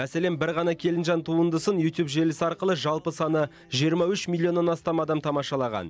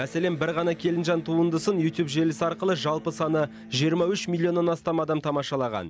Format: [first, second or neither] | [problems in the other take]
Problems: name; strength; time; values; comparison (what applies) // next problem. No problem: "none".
first | background sound (Electric guitar); 20 dB below the speech